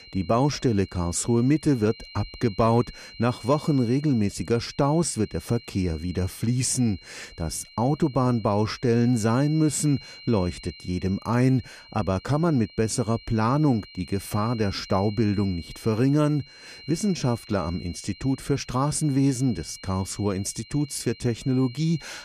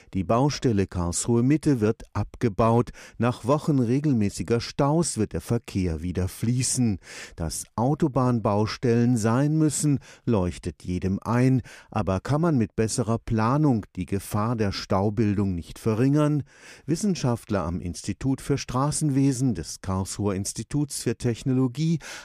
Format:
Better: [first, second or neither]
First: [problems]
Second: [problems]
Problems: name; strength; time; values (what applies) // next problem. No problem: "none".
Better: second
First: high-pitched whine; noticeable; throughout; 4 kHz, 20 dB below the speech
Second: none